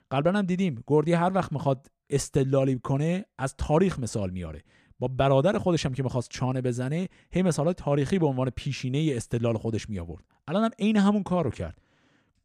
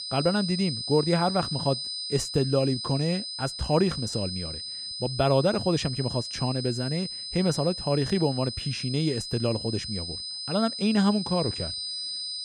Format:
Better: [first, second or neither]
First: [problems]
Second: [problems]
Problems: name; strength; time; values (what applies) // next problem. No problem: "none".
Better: first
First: none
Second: high-pitched whine; loud; throughout; 5 kHz, 5 dB below the speech